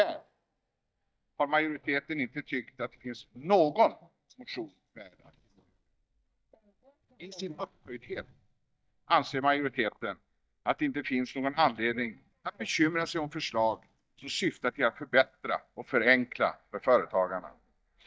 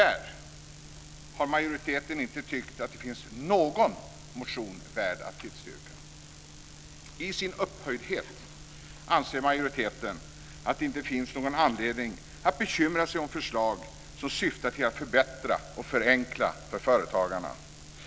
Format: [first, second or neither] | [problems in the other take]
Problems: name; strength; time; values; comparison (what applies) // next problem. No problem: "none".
second | noise reduction (neural mask model DeepFilterNet 3)